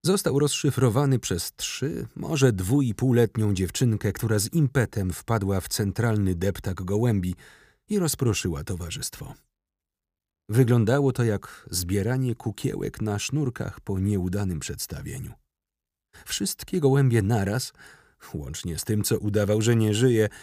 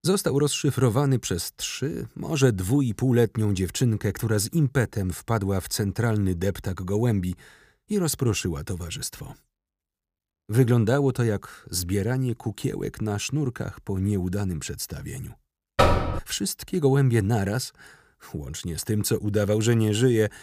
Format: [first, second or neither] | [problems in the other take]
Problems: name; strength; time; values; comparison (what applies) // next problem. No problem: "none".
first | door banging; loud; at 16 s; peak 4 dB above the speech